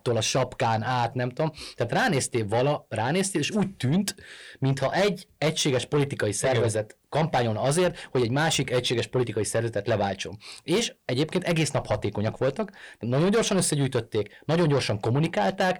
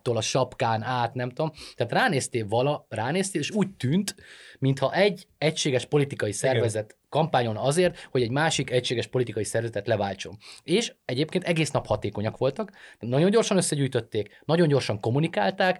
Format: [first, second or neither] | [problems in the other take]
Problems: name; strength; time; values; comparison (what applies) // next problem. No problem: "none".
second | distortion; slight; 10 dB below the speech